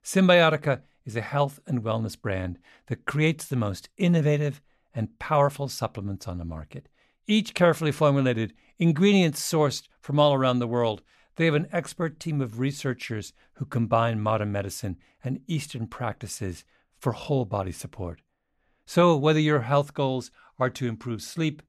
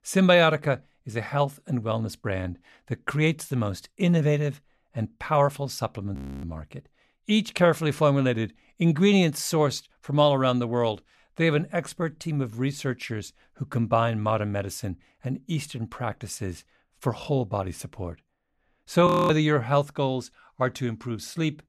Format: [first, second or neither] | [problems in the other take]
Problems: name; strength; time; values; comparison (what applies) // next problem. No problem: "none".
first | audio freezing; at 6 s and at 19 s